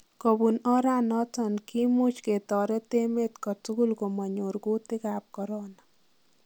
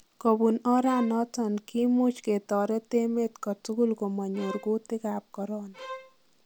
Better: first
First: none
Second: background sound (Bowed string instrument); 16 dB below the speech

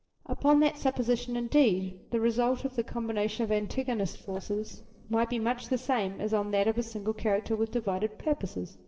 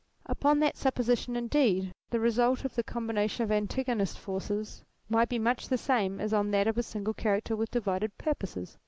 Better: second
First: noise reduction (neural separator model SepFormer DNS4)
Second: none

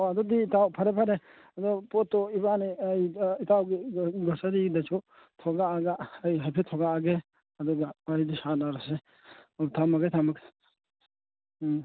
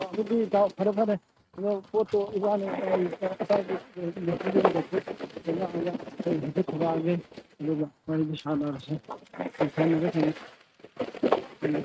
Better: first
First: none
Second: noise reduction (neural mask model RNNoise)

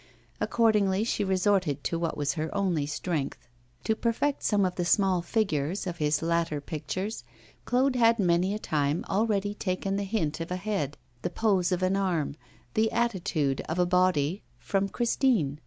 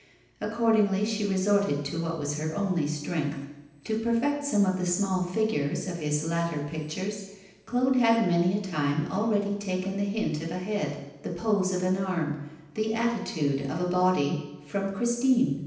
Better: first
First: none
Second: room echo; dies away in 0.9 s

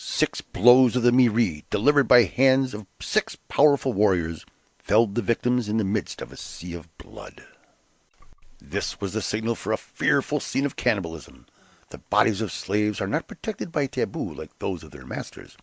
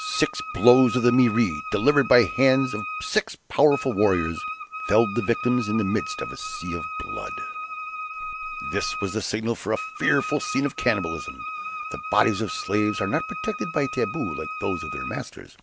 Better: first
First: none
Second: background sound (Wind instrument, woodwind instrument); 9 dB below the speech

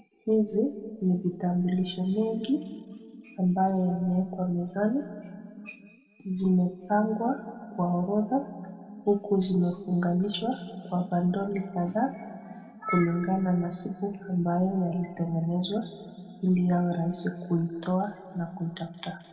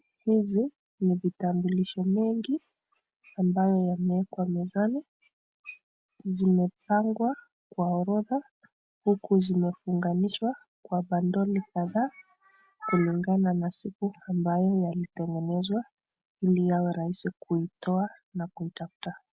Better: second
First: room echo; dies away in 1.9 s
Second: none

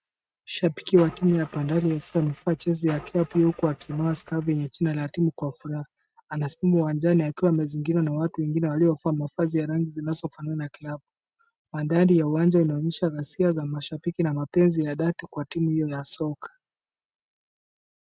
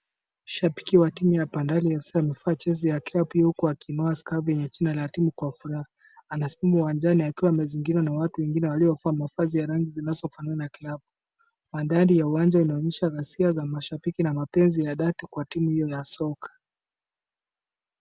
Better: second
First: noise reduction (neural mask model RNNoise)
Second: none

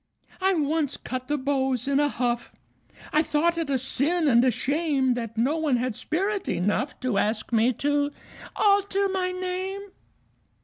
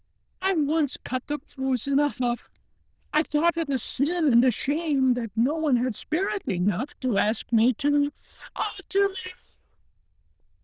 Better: first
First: none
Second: noise reduction (neural diffusion model UNIVERSE++)

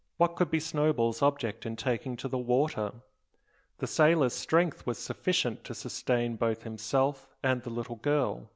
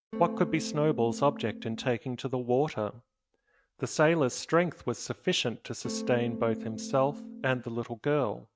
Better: first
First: none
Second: noise reduction (neural mask model RNNoise)

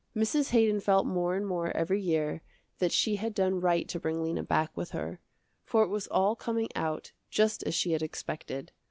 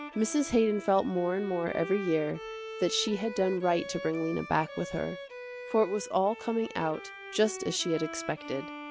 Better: first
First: none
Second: background sound (Bowed string instrument); 12 dB below the speech

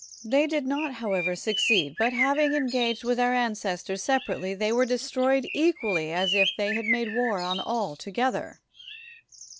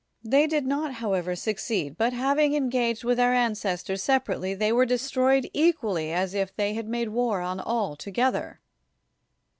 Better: second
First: background sound (Bird); 7 dB below the speech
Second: none

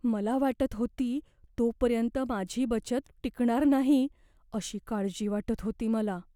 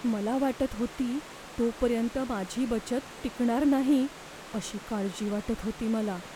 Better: first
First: none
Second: background sound (Stream / Liquid); 15 dB below the speech

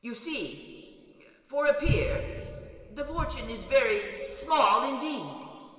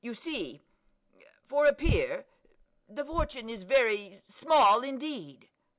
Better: second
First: room echo; dies away in 2.6 s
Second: none

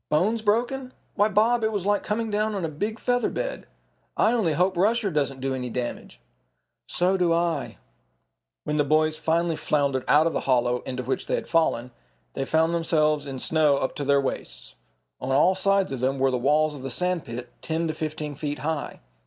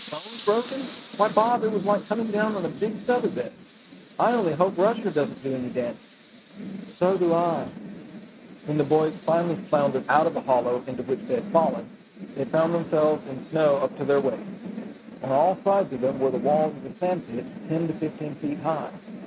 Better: first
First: none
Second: noise reduction (neural mask model RNNoise)

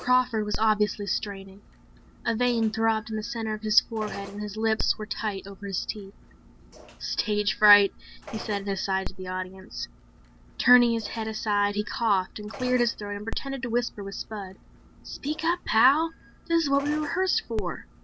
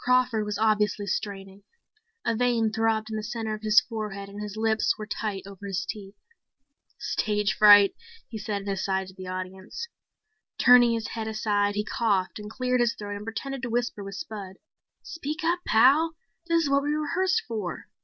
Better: second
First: background sound (Telephone); 12 dB below the speech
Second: none

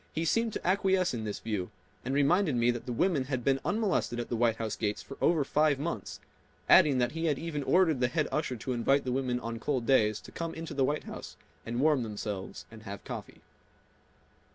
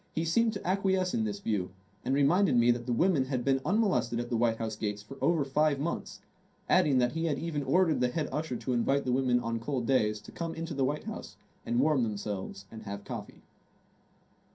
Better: first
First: none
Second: room echo; dies away in 0.3 s

